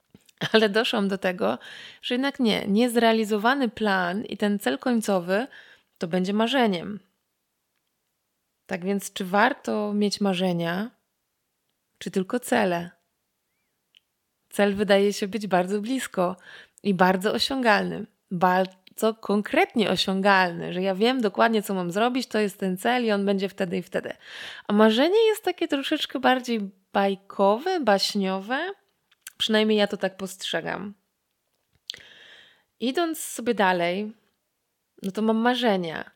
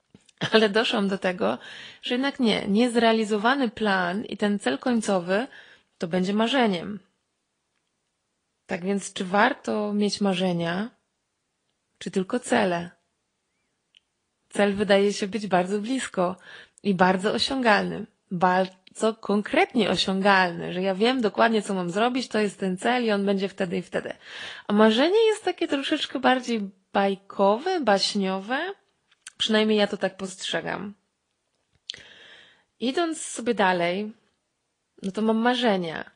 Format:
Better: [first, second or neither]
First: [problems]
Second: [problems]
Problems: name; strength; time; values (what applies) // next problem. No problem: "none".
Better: first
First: none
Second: garbled, watery; slightly; nothing above 9 kHz